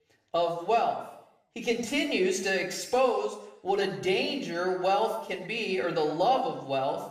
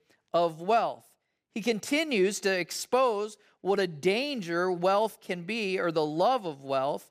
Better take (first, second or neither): second